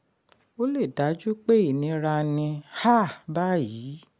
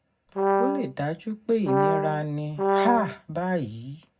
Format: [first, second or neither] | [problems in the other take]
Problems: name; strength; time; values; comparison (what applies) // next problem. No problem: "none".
first | background sound (Brass instrument); 3 dB above the speech // room echo; dies away in 0.3 s